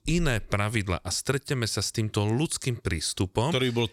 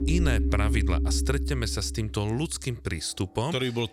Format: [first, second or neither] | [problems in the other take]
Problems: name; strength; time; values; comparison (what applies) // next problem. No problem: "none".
first | background music; very loud; throughout; 1 dB above the speech